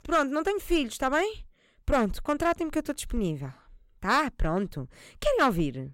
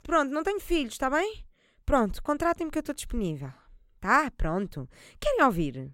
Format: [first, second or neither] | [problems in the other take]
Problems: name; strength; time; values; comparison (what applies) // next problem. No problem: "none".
second | distortion; slight; 1.9% of the sound clipped